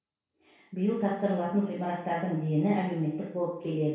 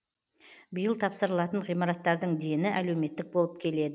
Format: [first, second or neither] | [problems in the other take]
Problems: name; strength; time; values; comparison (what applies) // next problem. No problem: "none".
second | room echo; dies away in 0.6 s